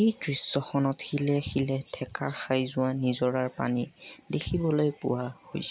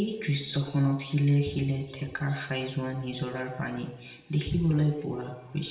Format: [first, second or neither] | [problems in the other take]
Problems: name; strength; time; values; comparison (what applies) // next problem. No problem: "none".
first | room echo; dies away in 0.8 s